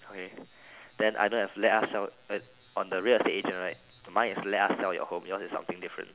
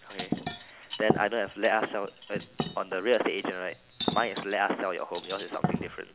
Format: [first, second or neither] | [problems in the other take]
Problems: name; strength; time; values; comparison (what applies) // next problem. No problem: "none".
first | background sound (Cutlery, silverware); 5 dB below the speech